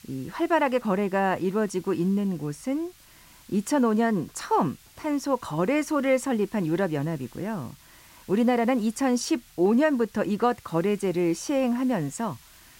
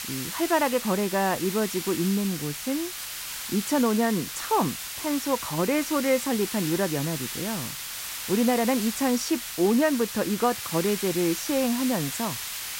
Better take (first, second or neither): first